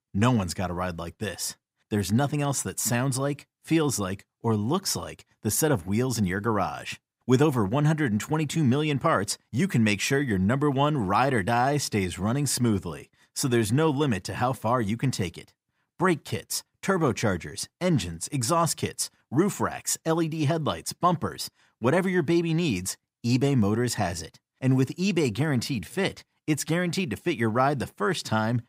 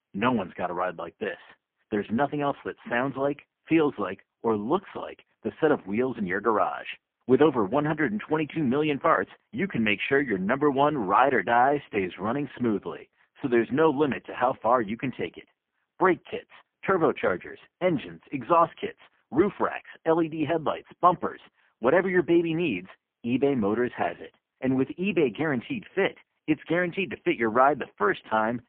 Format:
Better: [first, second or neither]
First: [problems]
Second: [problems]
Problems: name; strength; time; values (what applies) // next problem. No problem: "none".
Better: first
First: none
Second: phone-call audio; poor line